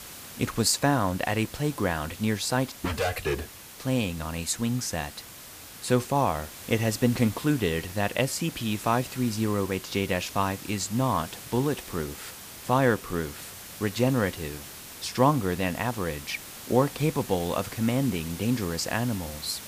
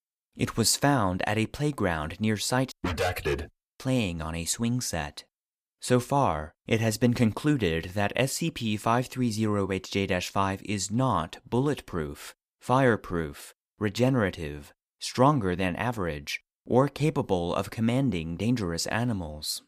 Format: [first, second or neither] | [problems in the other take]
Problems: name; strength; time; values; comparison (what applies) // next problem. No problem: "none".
second | hiss; noticeable; throughout; 15 dB below the speech